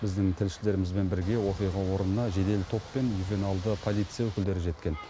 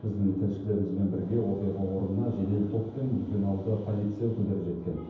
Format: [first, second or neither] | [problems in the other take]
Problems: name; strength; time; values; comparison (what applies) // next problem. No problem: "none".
first | room echo; dies away in 0.9 s